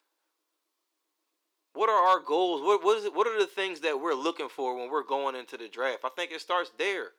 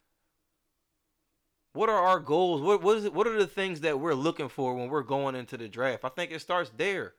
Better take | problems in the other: second | thin; somewhat; fading below 350 Hz

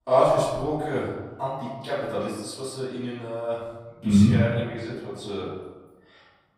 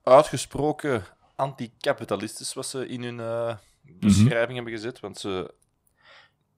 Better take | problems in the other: second | off-mic speech; far // room echo; noticeable; dies away in 1.1 s

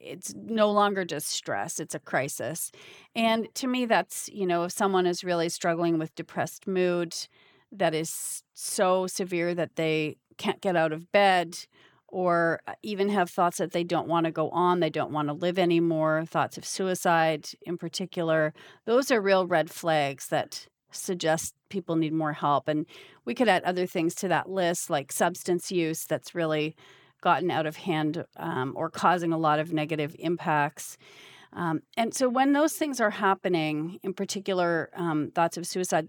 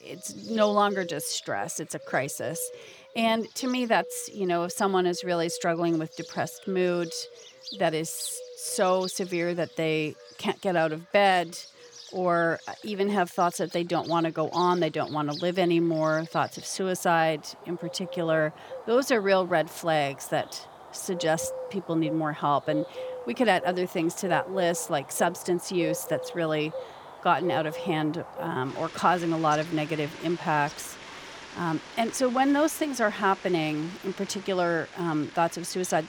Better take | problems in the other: first | animal sounds; noticeable; throughout; 15 dB below the speech

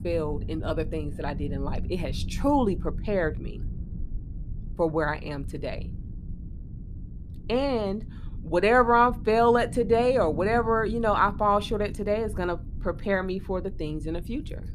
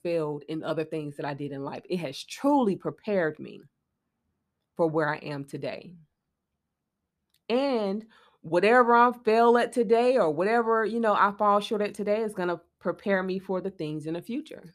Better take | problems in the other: second | low rumble; faint; throughout; 25 dB below the speech

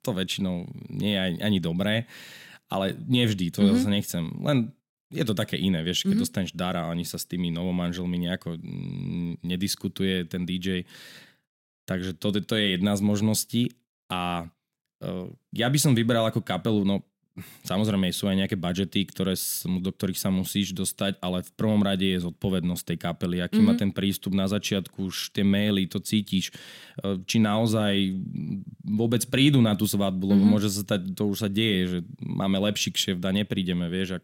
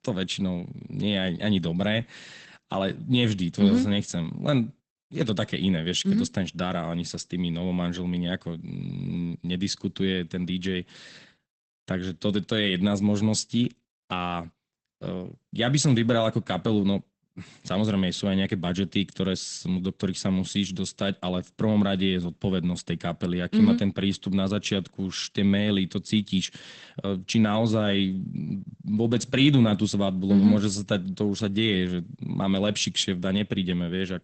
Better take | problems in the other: first | garbled, watery; badly; nothing above 8 kHz

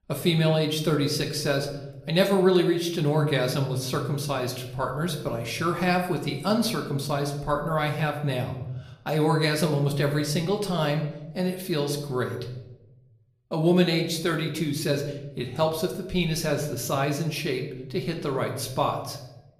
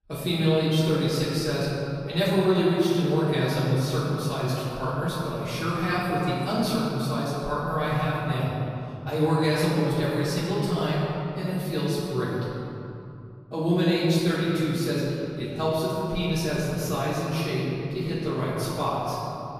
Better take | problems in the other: first | room echo; strong; dies away in 2.7 s; slight in the first // off-mic speech; far

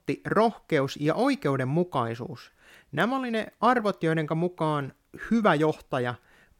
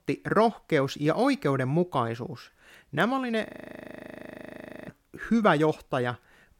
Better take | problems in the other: first | audio freezing; at 3.5 s for 1.5 s

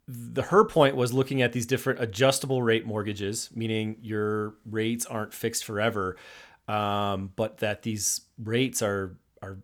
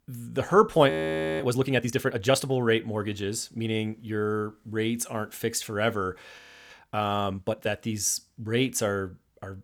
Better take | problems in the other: first | audio freezing; at 1 s and at 6.5 s

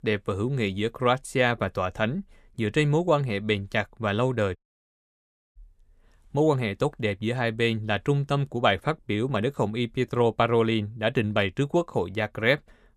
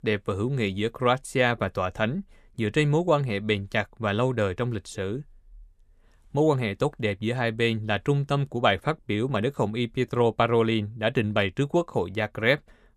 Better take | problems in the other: second | audio cutting out; at 4.5 s for 1 s

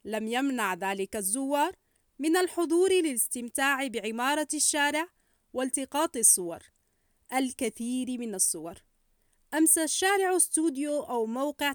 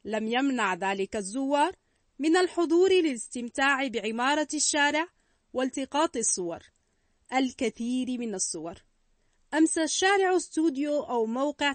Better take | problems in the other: first | garbled, watery; slightly; nothing above 8 kHz

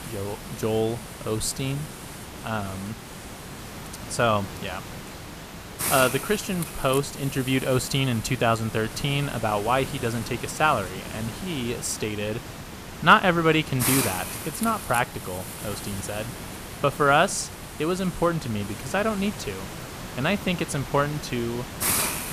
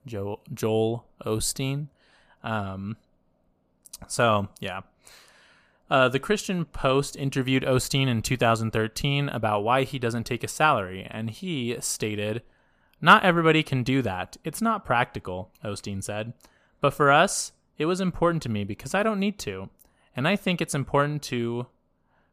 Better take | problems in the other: second | hiss; loud; throughout; 8 dB below the speech

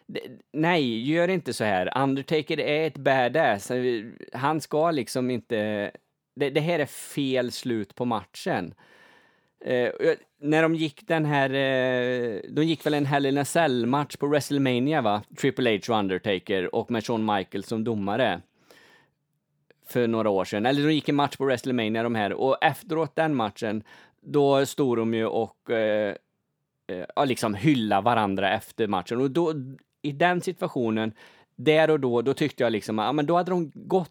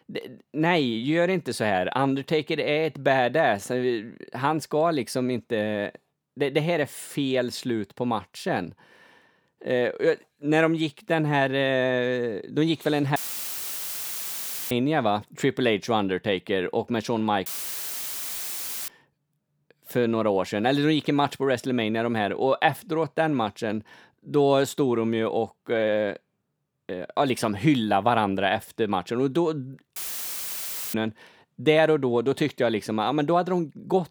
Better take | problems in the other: first | audio cutting out; filled with static; at 13 s for 1.5 s, at 17 s for 1.5 s and at 30 s for 1 s

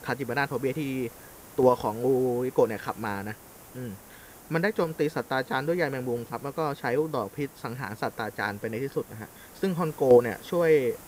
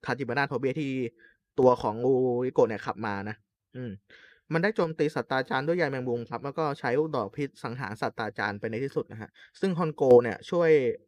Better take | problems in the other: second | hiss; noticeable; throughout; 20 dB below the speech

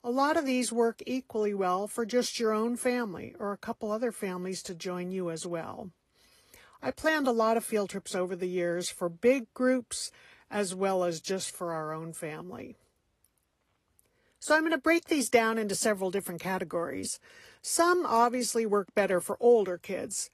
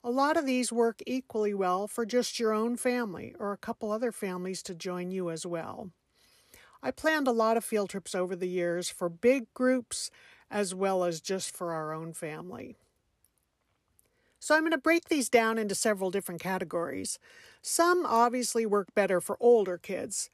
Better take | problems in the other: second | garbled, watery; slightly

